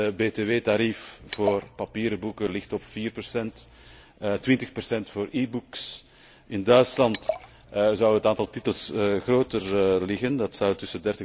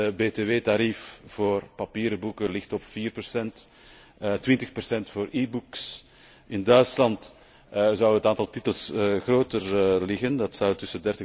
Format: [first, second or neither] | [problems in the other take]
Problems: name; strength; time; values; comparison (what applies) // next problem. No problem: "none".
second | background sound (Liquid); 14 dB below the speech